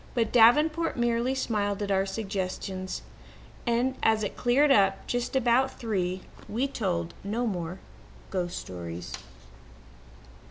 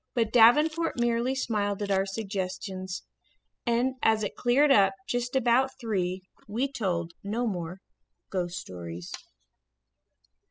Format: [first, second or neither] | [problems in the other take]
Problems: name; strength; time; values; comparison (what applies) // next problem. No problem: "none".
first | noise reduction (classical method spectral subtraction)